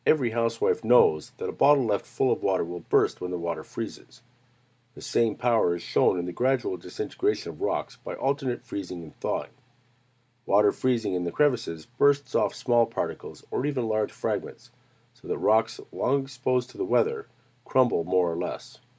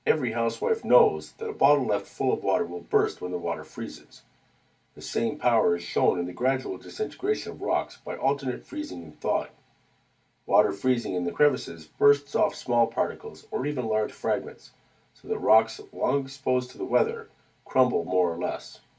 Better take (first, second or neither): first